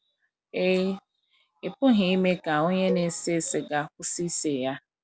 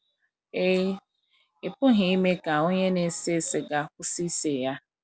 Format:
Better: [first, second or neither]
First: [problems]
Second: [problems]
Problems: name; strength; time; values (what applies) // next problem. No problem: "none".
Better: second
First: background sound (Cowbell); 12 dB below the speech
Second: none